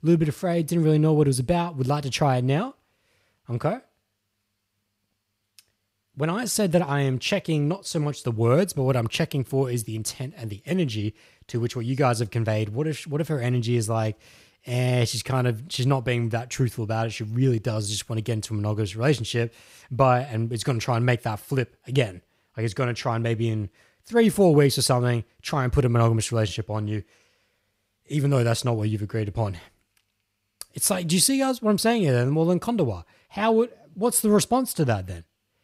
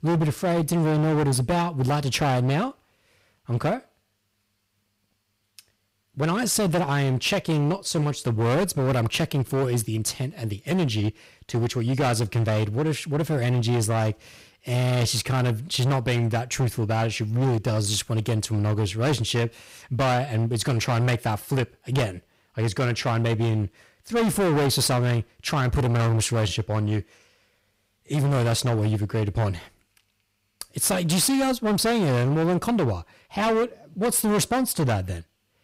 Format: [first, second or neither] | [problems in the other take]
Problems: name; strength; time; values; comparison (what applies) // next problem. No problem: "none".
first | distortion; heavy; 19% of the sound clipped